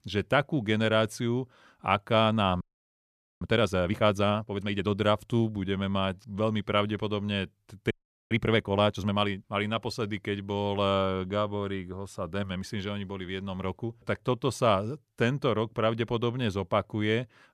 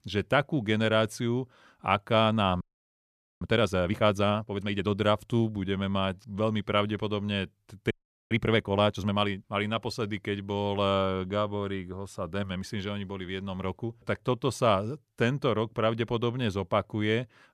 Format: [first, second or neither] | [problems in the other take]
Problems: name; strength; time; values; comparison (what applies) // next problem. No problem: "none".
neither | audio freezing; at 2.5 s for 1 s and at 8 s; the same in both